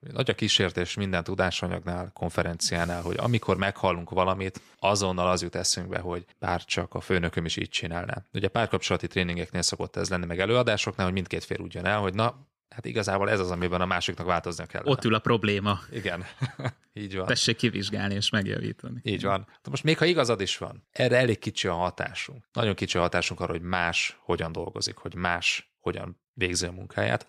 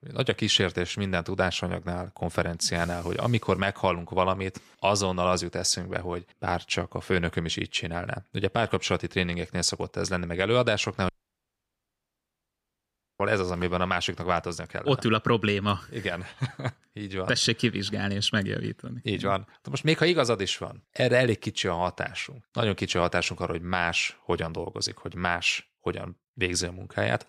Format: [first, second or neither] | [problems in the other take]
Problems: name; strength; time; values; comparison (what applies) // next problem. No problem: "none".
first | audio cutting out; at 11 s for 2 s